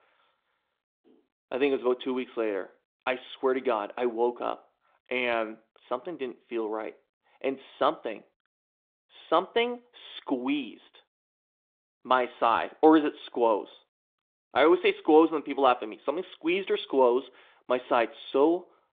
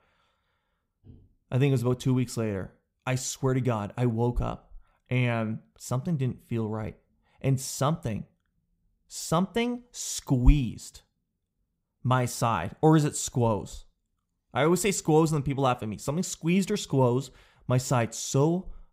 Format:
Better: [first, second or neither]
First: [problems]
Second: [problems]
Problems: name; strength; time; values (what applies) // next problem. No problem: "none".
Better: second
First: phone-call audio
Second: none